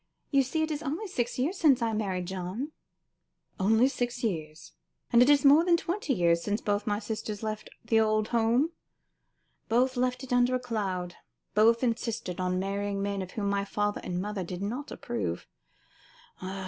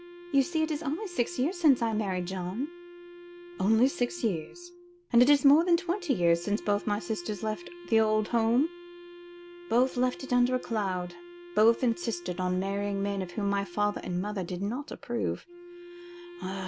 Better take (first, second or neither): first